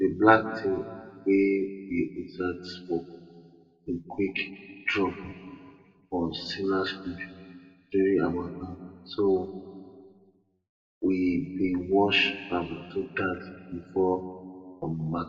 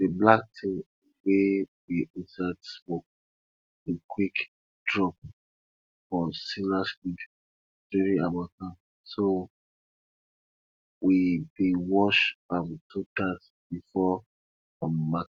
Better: second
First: room echo; dies away in 1.8 s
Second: none

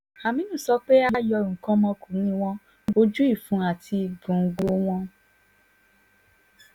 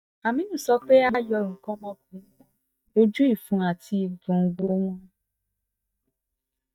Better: first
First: none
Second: noise reduction (neural mask model DeepFilterNet 3)

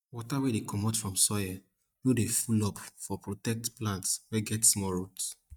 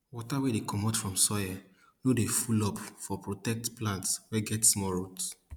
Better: second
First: noise reduction (neural mask model DeepFilterNet 3)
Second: none

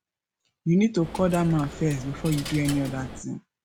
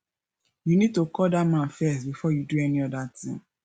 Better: second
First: background sound (Coin (dropping)); 12 dB below the speech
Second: none

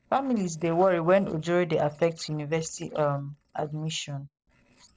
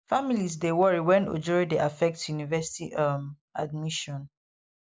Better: second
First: noise reduction (neural separator model SepFormer DNS4)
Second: none

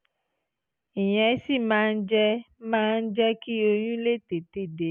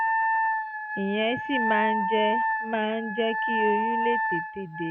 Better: first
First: none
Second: background sound (Wind instrument, woodwind instrument); 2 dB above the speech

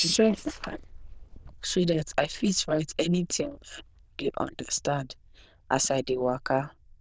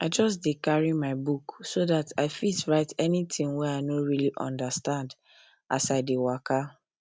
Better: second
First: noise reduction (neural diffusion model UNIVERSE++)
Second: none

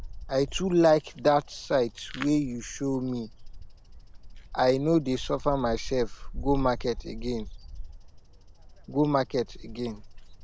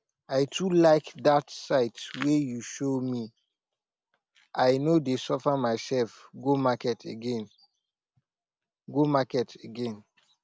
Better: second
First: background sound (Bird vocalization, bird call, bird song); 10 dB below the speech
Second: none

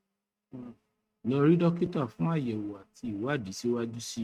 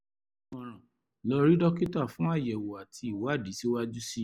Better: second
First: noise reduction (neural mask model RNNoise)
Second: none

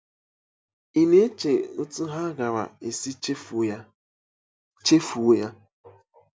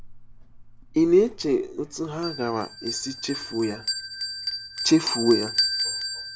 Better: first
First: none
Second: background sound (Bell); 6 dB below the speech

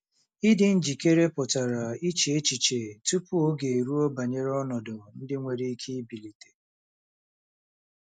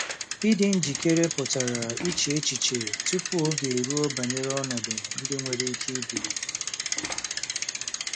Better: first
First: none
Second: background sound (Bicycle); 3 dB below the speech

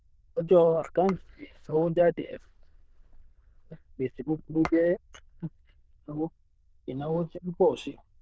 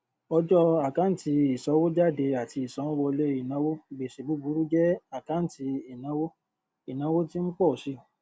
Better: second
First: noise reduction (neural diffusion model UNIVERSE++)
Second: none

